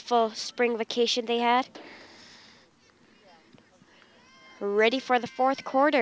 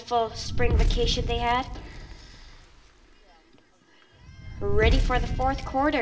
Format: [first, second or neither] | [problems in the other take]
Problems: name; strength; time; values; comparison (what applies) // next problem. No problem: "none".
first | background sound (Fire); 2 dB above the speech // room echo; dies away in 0.7 s